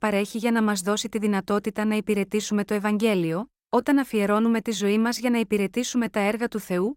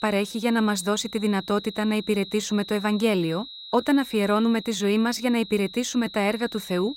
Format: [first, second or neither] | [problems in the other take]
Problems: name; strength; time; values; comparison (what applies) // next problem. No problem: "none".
first | high-pitched whine; noticeable; throughout; 4 kHz, 15 dB below the speech